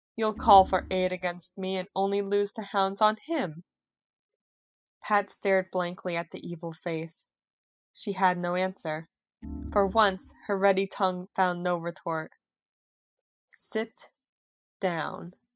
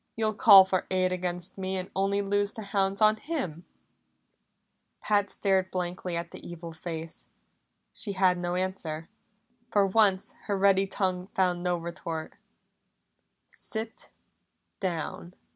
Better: second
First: noise reduction (classical method spectral subtraction)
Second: none

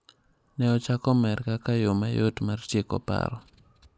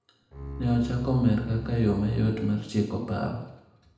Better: first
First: none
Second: background sound (Bowed string instrument); 12 dB below the speech // room echo; dies away in 0.8 s

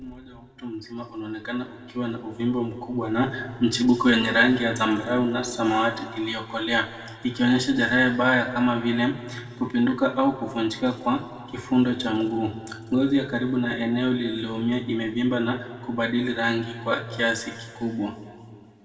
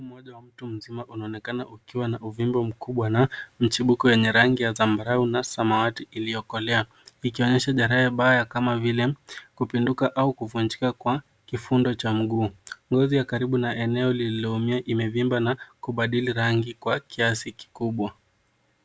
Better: second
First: room echo; dies away in 1.7 s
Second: none

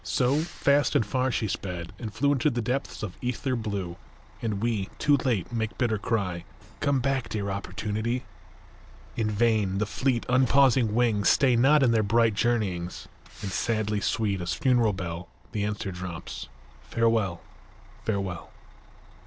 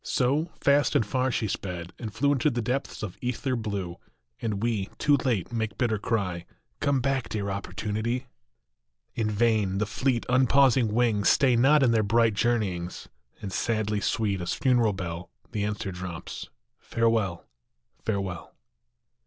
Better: second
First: background sound (Truck); 19 dB below the speech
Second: none

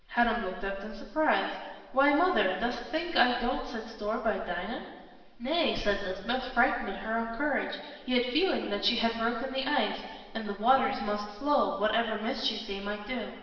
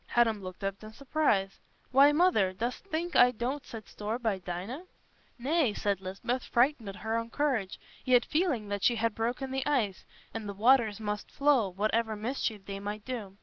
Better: second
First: room echo; dies away in 1.2 s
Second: none

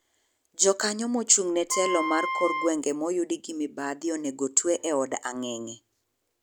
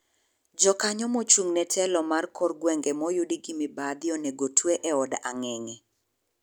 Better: second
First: background sound (Wind instrument, woodwind instrument); 3 dB below the speech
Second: none

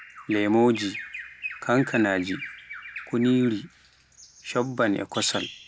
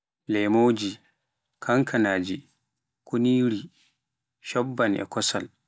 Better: second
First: background sound (Bird vocalization, bird call, bird song); 14 dB below the speech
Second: none

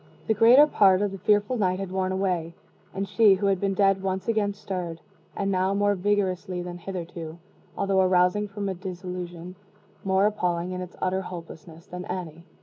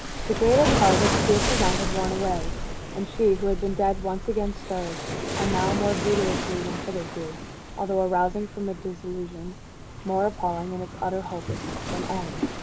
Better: first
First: none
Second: background sound (Waves, surf); 2 dB below the speech

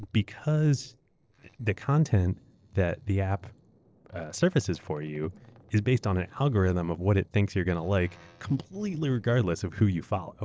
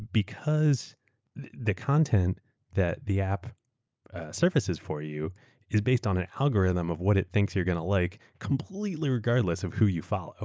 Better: second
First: noise reduction (neural separator model SepFormer DNS4)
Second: none

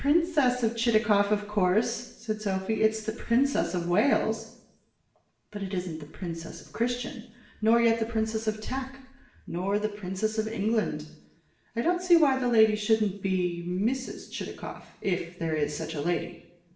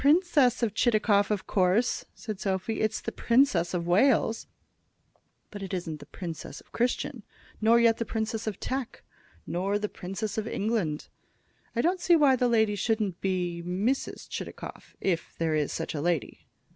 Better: second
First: room echo; dies away in 0.7 s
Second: none

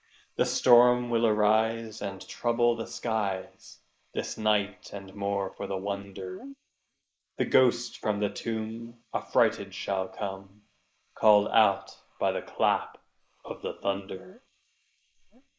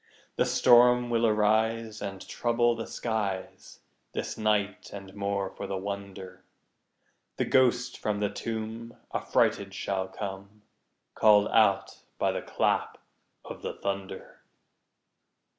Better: second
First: noise reduction (neural mask model Resemble Enhance denoiser)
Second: none

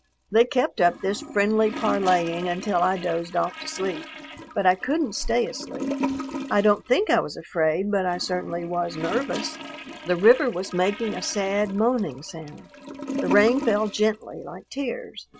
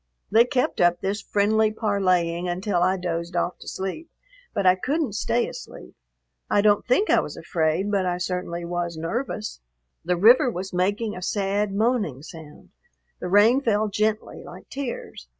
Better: second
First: background sound (Toilet flush / Gurgling); 11 dB below the speech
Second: none

